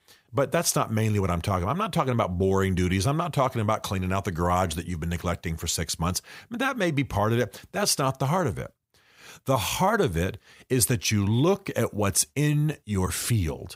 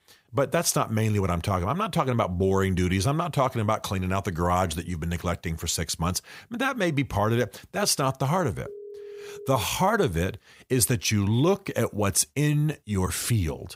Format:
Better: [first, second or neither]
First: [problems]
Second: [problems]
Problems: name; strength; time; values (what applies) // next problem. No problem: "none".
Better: first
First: none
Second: phone ringing; faint; at 8.5 s; peak 15 dB below the speech